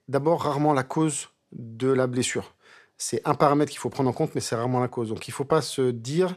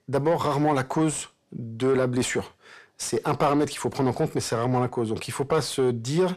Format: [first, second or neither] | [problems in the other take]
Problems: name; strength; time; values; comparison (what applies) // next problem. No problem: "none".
first | distortion; slight; 10 dB below the speech